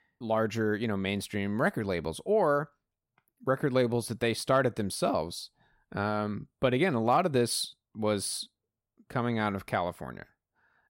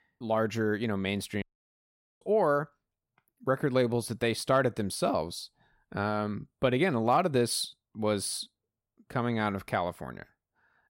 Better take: first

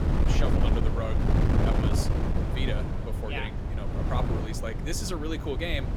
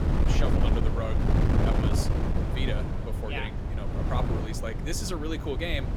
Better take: neither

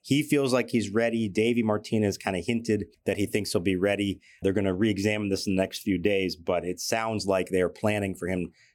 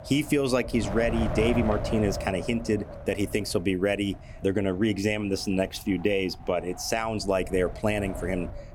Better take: first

